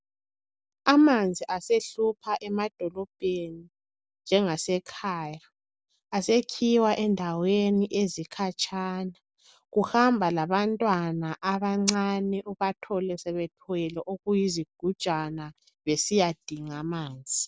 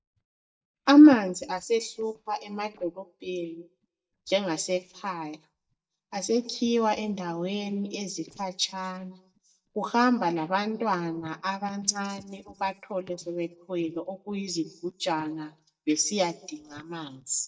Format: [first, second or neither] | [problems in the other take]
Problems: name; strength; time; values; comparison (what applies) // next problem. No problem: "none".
first | noise reduction (neural mask model DeepFilterNet 3)